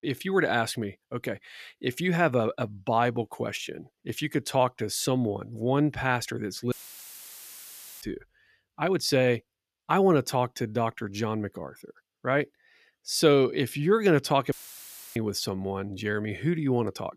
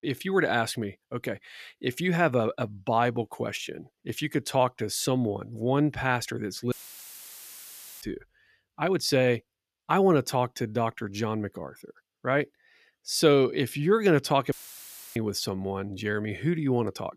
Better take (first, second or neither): neither